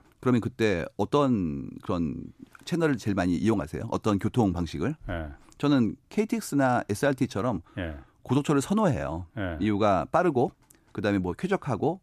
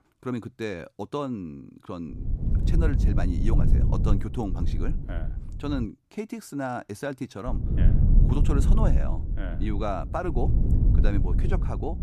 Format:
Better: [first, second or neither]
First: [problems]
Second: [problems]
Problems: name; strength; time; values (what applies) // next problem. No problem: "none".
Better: first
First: none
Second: low rumble; loud; from 2 to 6 s and from 7.5 s on; 5 dB below the speech